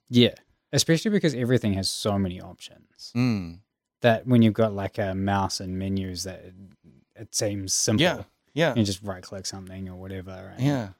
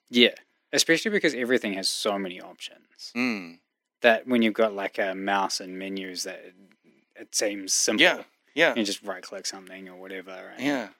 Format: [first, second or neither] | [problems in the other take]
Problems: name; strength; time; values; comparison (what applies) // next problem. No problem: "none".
first | thin; somewhat; fading below 250 Hz